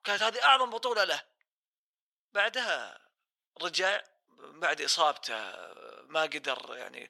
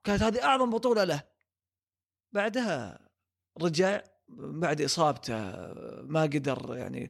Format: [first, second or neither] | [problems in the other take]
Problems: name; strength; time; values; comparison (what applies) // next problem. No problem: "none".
second | thin; very; fading below 800 Hz